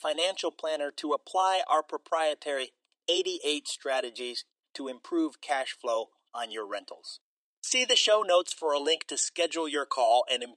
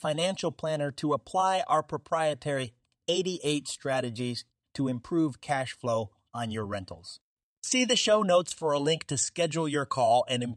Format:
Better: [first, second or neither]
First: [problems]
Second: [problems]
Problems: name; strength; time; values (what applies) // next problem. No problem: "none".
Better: second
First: thin; somewhat; fading below 350 Hz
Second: none